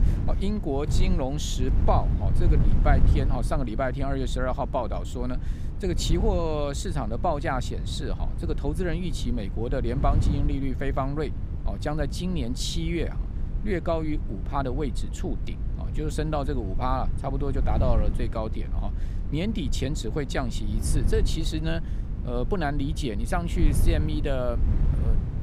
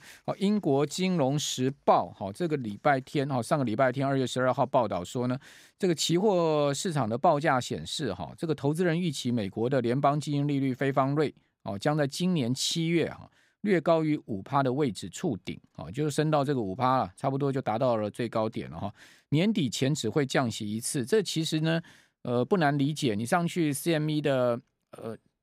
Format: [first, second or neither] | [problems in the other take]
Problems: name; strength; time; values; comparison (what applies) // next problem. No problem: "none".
second | wind noise on the microphone; occasional gusts; 10 dB below the speech